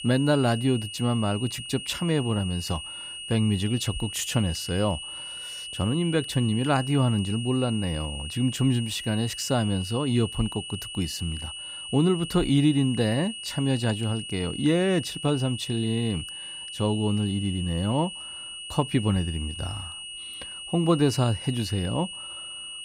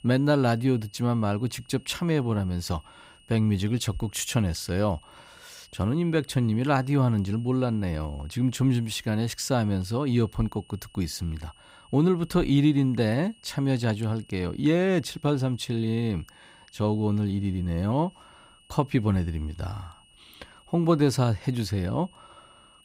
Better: second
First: high-pitched whine; loud; throughout; 3 kHz, 9 dB below the speech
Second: high-pitched whine; faint; throughout; 3 kHz, 30 dB below the speech

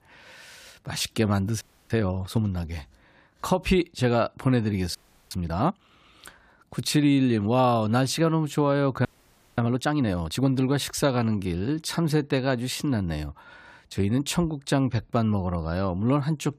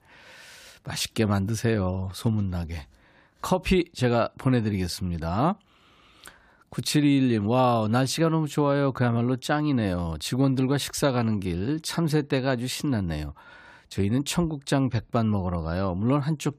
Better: second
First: audio freezing; at 1.5 s, at 5 s and at 9 s for 0.5 s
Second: none

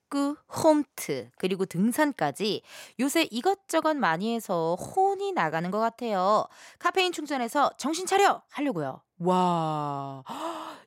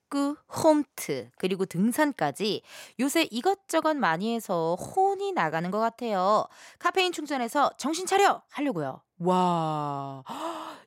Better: neither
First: none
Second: none

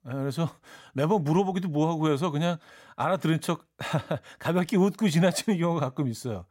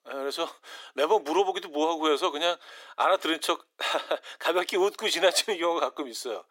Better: first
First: none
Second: thin; very; fading below 350 Hz

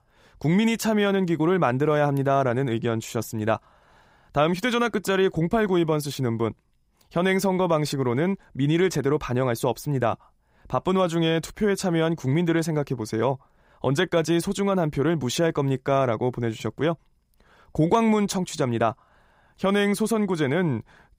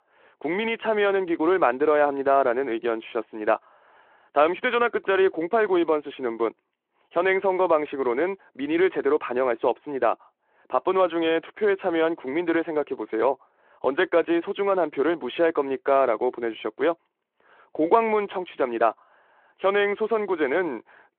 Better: first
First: none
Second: phone-call audio

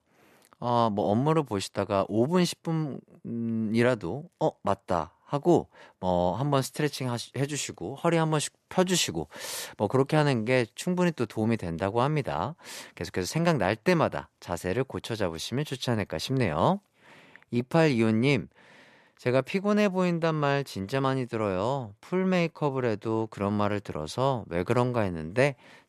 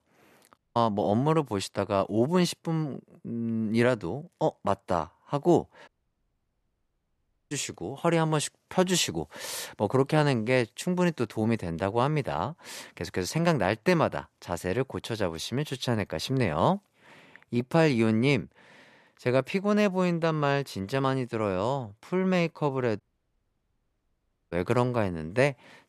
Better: first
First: none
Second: audio cutting out; at 0.5 s, at 6 s for 1.5 s and at 23 s for 1.5 s

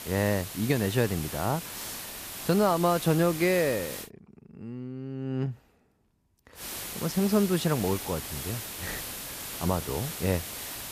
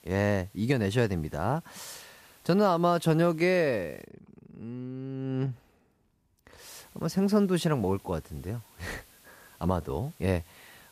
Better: second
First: hiss; loud; until 4 s and from 6.5 s on; 8 dB below the speech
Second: hiss; faint; until 4 s and from 6.5 s on; 25 dB below the speech

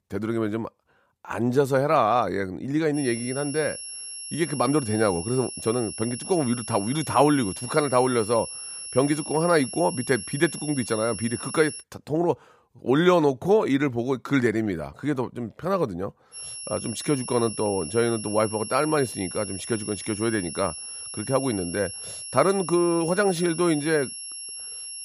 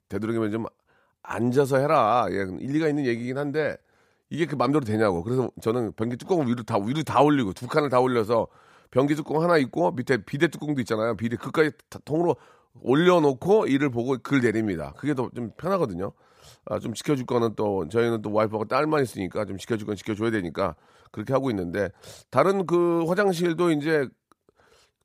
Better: second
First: high-pitched whine; loud; from 3 to 12 s and from 16 s on; 11 kHz, 9 dB below the speech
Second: none

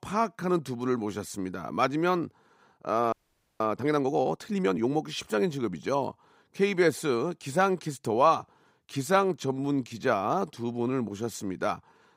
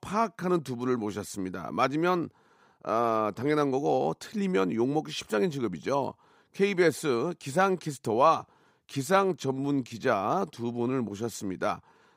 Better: second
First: audio freezing; at 3 s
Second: none

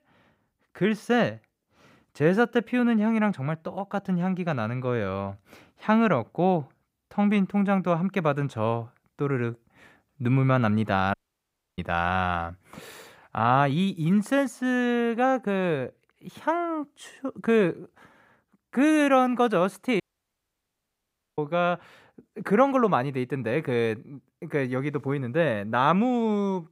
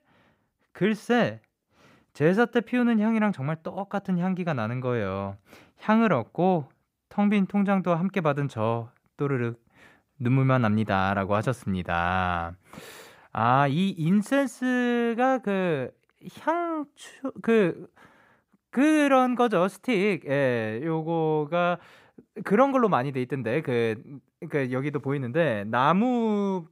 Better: second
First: audio cutting out; at 11 s for 0.5 s and at 20 s for 1.5 s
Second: none

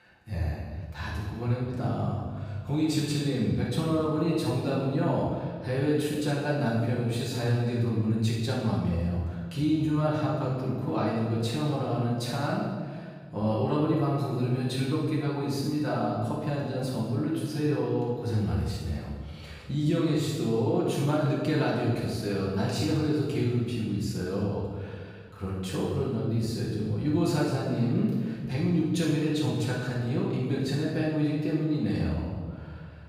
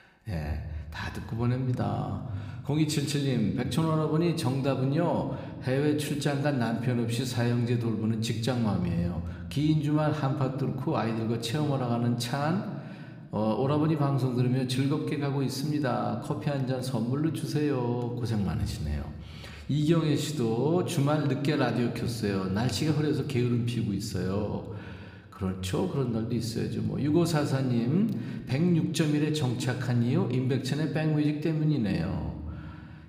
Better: second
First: room echo; strong; dies away in 1.5 s // off-mic speech; far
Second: room echo; slight; dies away in 1.2 s

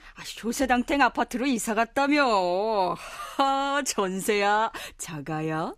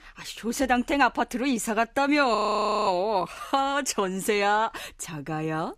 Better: first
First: none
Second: audio freezing; at 2.5 s for 0.5 s

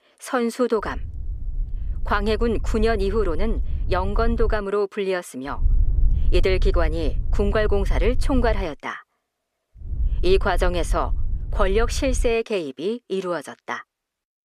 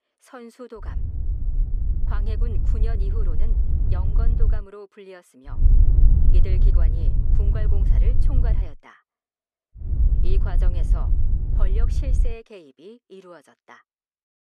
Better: first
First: wind noise on the microphone; occasional gusts; from 1 to 4.5 s, from 5.5 to 8.5 s and from 10 to 12 s; 25 dB below the speech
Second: wind noise on the microphone; heavy; from 1 to 4.5 s, from 5.5 to 8.5 s and from 10 to 12 s; 1 dB below the speech

